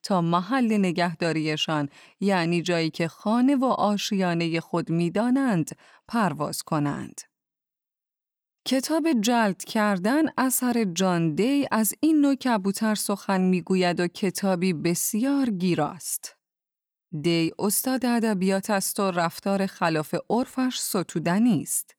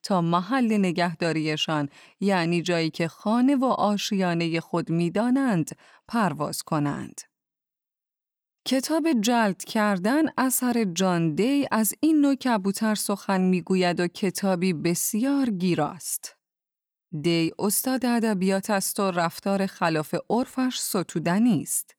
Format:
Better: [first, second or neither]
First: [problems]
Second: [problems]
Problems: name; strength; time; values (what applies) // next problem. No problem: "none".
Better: neither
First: none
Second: none